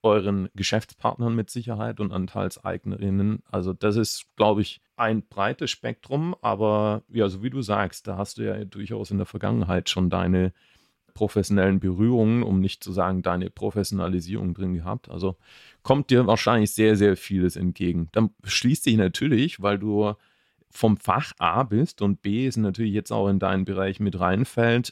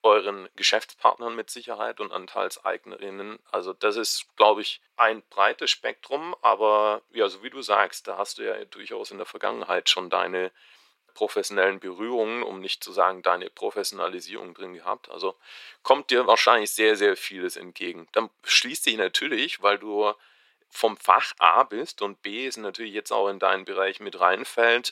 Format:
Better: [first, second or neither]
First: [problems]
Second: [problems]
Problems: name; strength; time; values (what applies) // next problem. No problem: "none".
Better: first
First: none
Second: thin; very; fading below 400 Hz